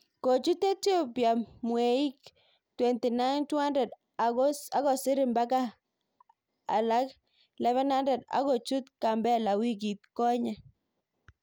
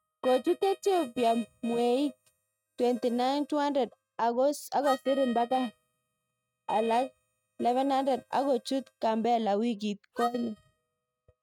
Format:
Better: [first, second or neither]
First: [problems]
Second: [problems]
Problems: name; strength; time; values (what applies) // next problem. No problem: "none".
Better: first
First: none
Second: noise reduction (neural mask model RNNoise)